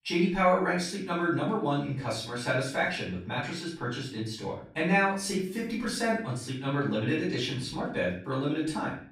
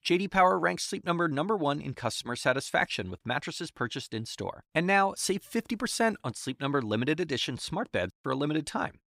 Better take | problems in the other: second | off-mic speech; far // room echo; noticeable; dies away in 0.5 s

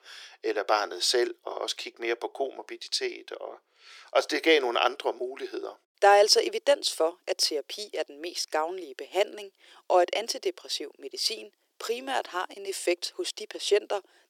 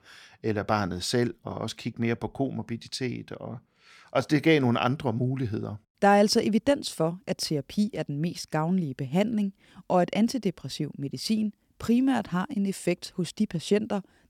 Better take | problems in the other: second | thin; very; fading below 350 Hz

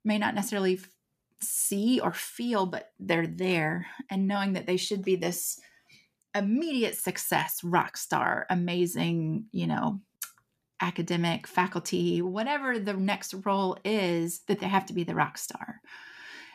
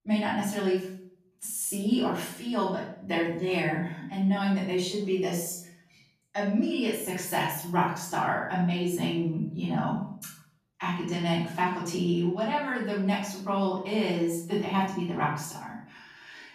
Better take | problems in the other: first | off-mic speech; far // room echo; noticeable; dies away in 0.5 s

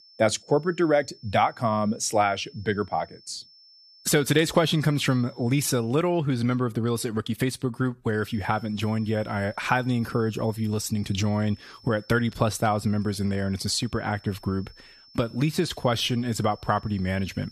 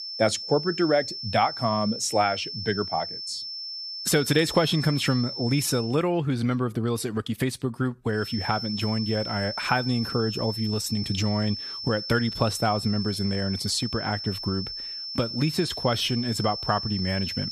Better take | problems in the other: first | high-pitched whine; loud; until 6 s and from 8 s on; 5.5 kHz, 6 dB below the speech; faint in the first

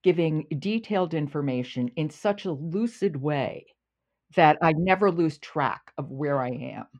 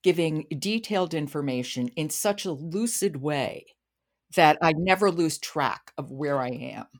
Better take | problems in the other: second | muffled; slightly; fading above 2.5 kHz

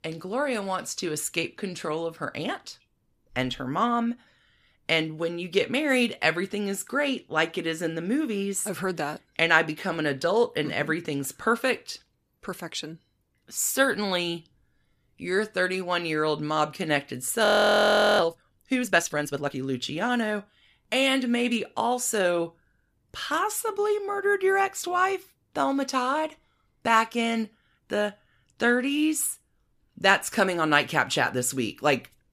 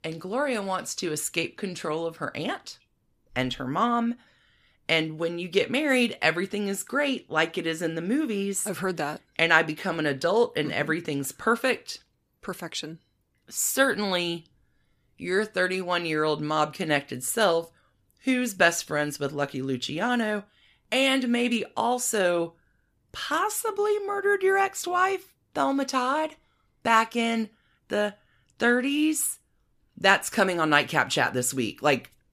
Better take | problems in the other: second | audio freezing; at 17 s for 0.5 s

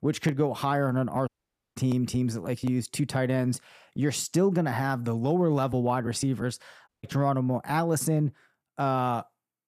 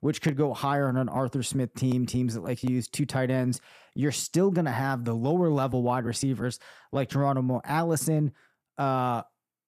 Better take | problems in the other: second | audio cutting out; at 1.5 s and at 7 s

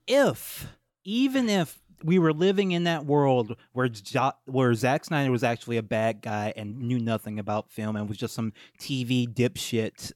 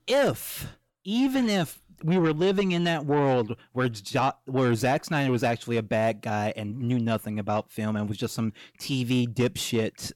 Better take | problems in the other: first | distortion; slight; 10 dB below the speech

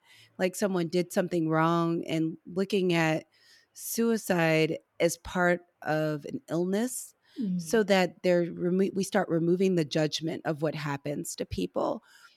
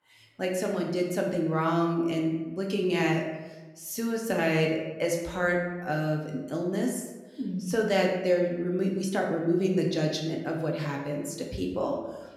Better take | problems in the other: first | room echo; slight; dies away in 0.9 s // off-mic speech; somewhat distant

